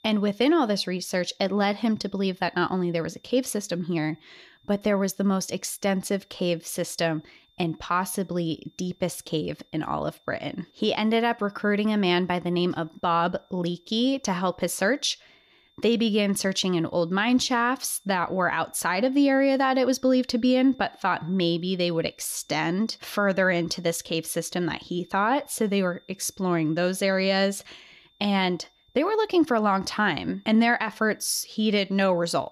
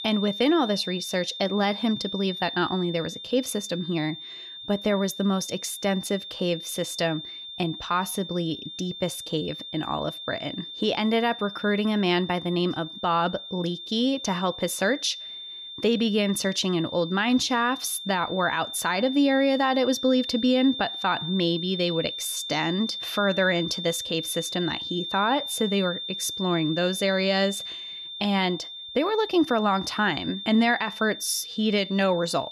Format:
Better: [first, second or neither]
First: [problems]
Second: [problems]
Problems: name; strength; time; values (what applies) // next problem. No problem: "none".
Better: first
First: high-pitched whine; faint; throughout; 3.5 kHz, 35 dB below the speech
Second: high-pitched whine; loud; throughout; 3.5 kHz, 8 dB below the speech